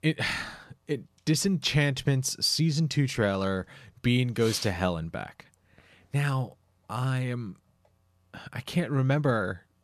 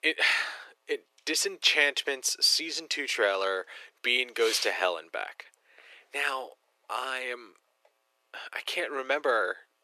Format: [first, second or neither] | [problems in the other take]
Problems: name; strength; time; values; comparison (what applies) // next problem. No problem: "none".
first | thin; very; fading below 350 Hz